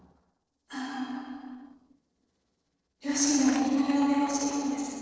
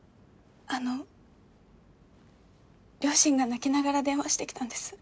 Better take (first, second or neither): second